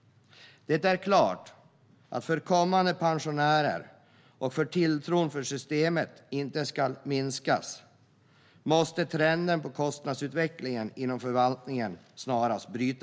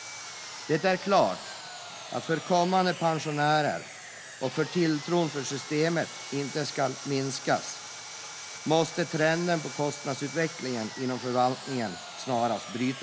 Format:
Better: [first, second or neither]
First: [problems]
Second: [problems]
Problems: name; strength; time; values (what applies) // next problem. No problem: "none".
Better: first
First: none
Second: background sound (Sawing); 12 dB below the speech